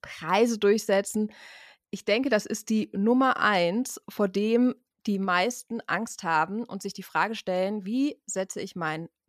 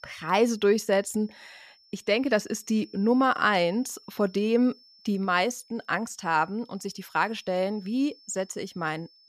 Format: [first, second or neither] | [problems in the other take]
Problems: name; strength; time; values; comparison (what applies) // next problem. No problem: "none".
first | high-pitched whine; faint; throughout; 5.5 kHz, 25 dB below the speech